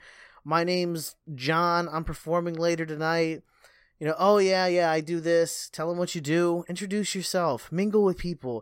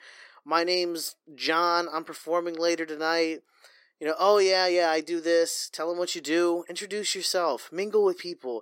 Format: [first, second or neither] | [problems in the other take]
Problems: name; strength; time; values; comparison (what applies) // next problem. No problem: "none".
first | thin; somewhat; fading below 300 Hz